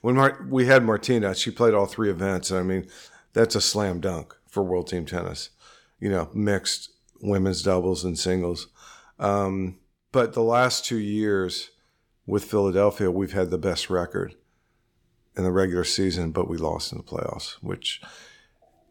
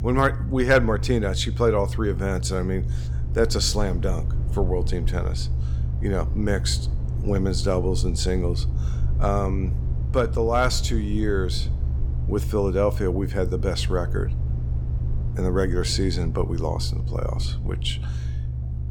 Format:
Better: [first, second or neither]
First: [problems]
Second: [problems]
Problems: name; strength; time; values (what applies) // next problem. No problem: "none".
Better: first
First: none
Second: low rumble; noticeable; throughout; 15 dB below the speech